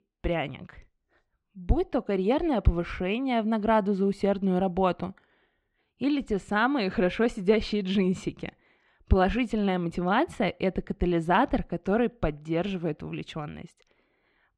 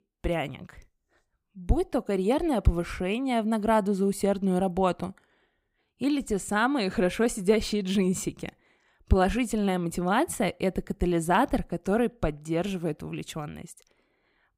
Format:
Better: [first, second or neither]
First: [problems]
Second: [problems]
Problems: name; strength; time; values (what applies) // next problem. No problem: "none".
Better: second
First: muffled; very slightly; fading above 3.5 kHz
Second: none